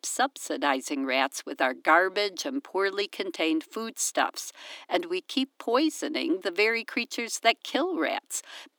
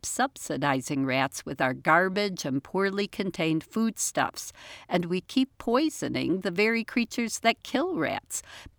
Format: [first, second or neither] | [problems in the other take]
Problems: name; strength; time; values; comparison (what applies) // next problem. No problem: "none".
second | thin; very slightly; fading below 300 Hz